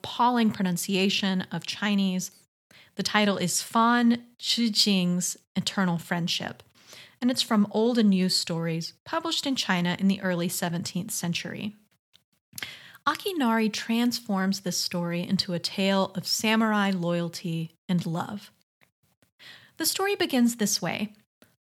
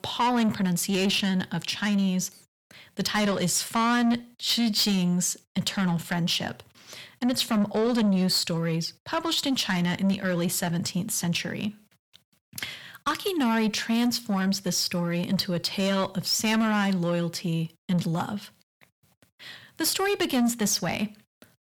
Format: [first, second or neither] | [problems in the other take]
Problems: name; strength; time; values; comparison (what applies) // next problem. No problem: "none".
first | distortion; slight; 10 dB below the speech